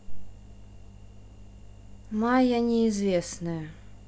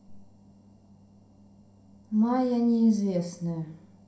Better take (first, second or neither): first